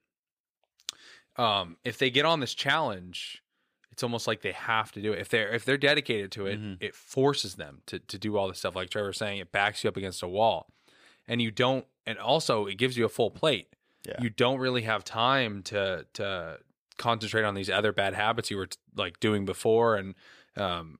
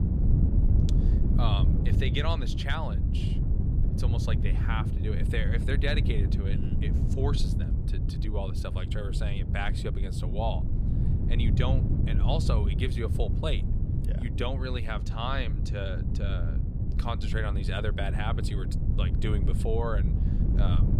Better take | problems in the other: first | wind noise on the microphone; heavy; 5 dB below the speech

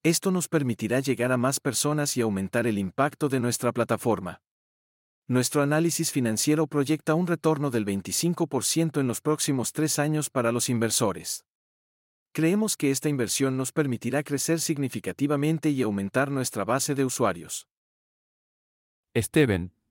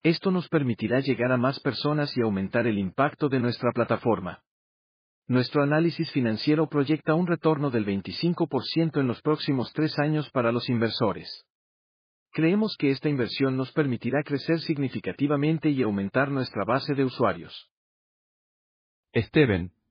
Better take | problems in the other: first | garbled, watery; badly; nothing above 5 kHz

